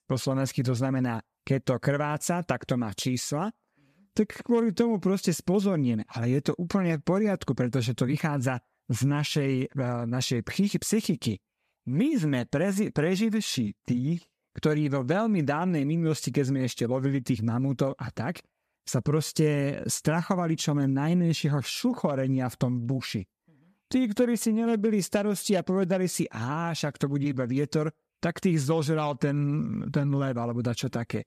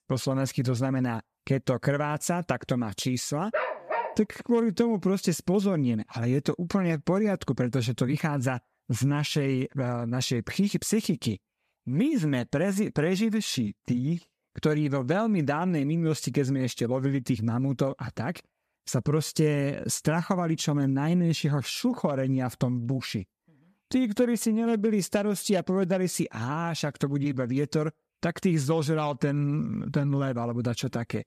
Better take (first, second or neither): first